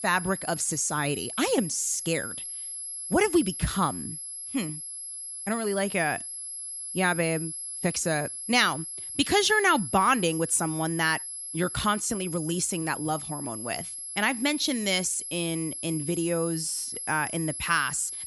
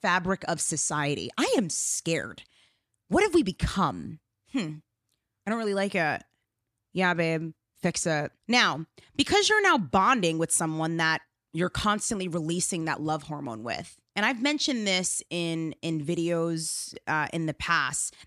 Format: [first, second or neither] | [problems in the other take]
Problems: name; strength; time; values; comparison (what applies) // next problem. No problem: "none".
second | high-pitched whine; loud; throughout; 11 kHz, 7 dB below the speech